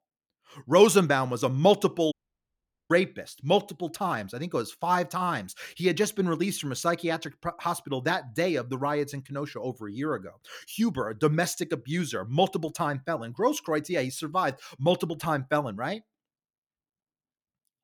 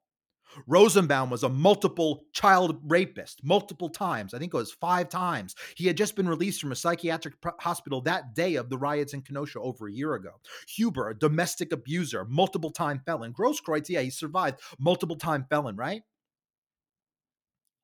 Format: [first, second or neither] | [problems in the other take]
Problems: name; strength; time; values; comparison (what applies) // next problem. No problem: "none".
second | audio cutting out; at 2 s for 1 s